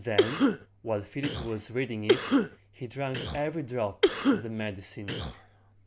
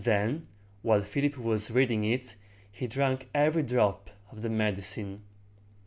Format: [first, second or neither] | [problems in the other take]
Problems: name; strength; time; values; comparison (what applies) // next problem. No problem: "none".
second | background sound (Cough); 4 dB above the speech